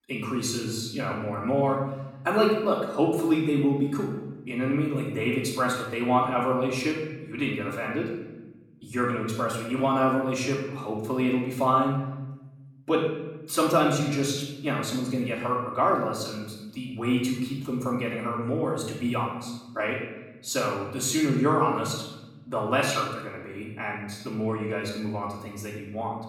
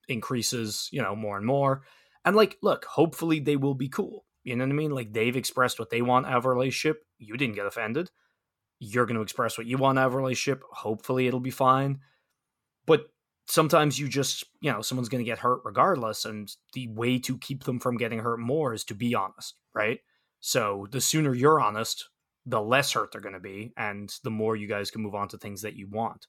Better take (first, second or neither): second